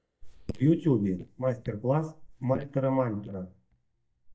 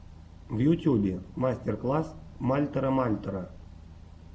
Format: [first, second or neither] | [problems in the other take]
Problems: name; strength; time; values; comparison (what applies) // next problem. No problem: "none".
second | noise reduction (neural mask model DeepFilterNet 3)